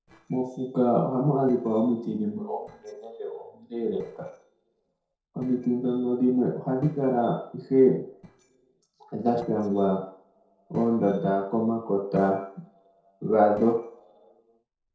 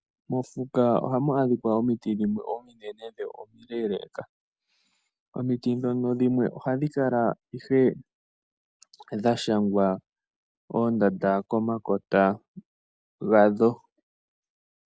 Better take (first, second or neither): second